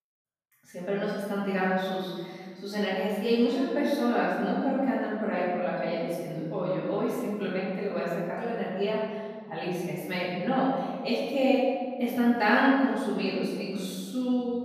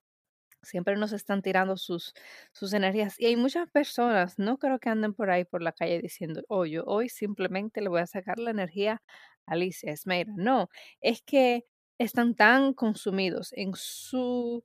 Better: second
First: off-mic speech; far // room echo; strong; dies away in 1.8 s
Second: none

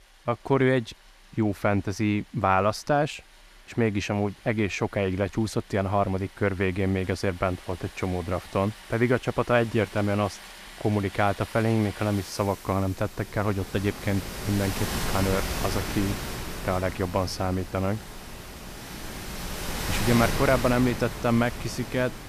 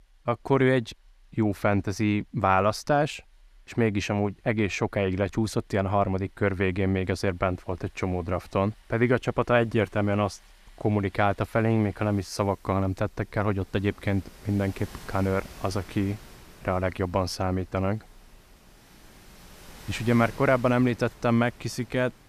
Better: second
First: rain or running water; loud; throughout; 8 dB below the speech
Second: rain or running water; faint; throughout; 25 dB below the speech

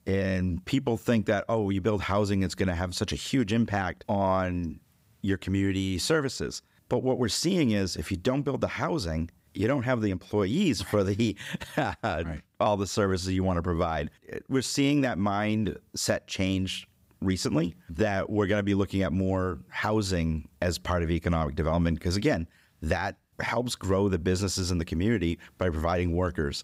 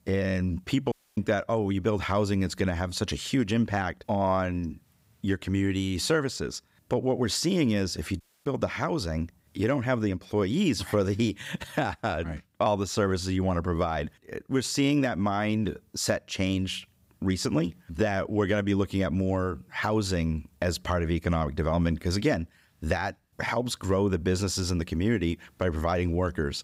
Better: first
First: none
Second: audio cutting out; at 1 s and at 8 s

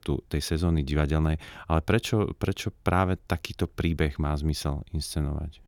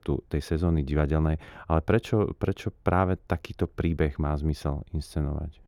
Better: first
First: none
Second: muffled; slightly; fading above 2.5 kHz

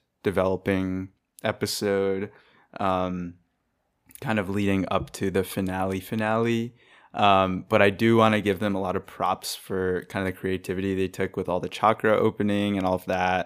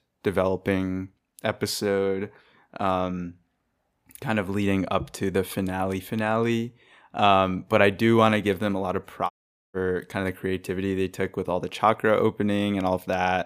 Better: first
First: none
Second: audio cutting out; at 9.5 s

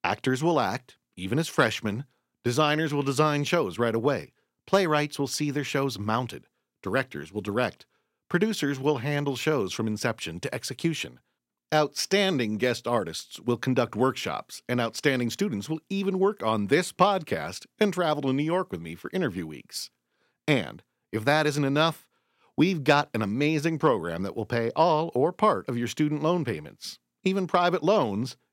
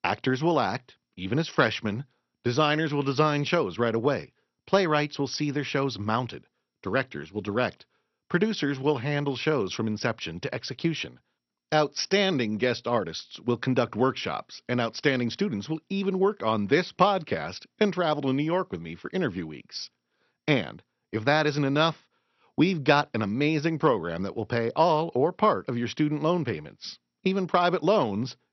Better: first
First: none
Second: garbled, watery; slightly; nothing above 6 kHz

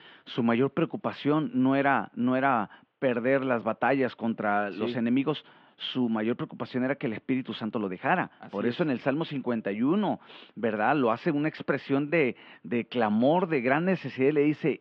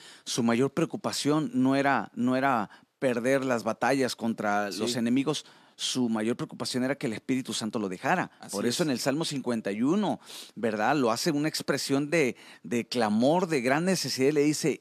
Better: second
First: muffled; very; fading above 3 kHz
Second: none

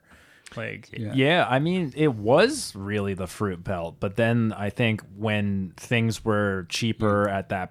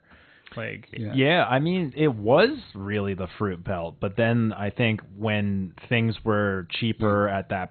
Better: first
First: none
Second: garbled, watery; badly; nothing above 4 kHz

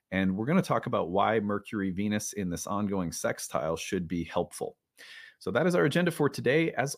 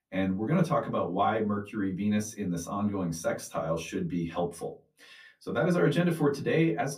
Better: first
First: none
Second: off-mic speech; far // room echo; very slight; dies away in 0.2 s

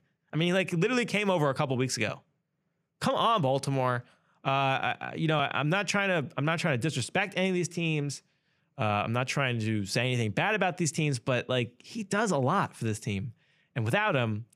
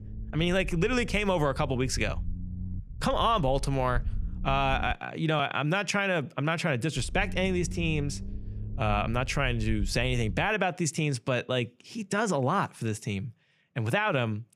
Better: first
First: none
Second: low rumble; faint; until 5 s and from 7 to 10 s; 25 dB below the speech

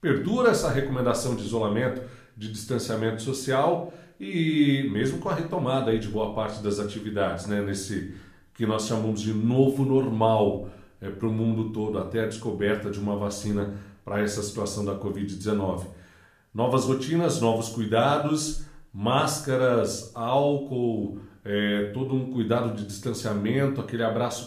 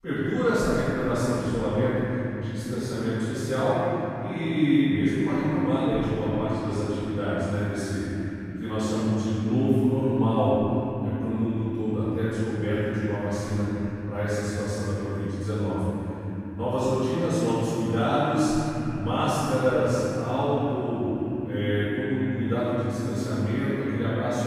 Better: first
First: room echo; slight; dies away in 0.5 s // off-mic speech; somewhat distant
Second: room echo; strong; dies away in 3 s // off-mic speech; far

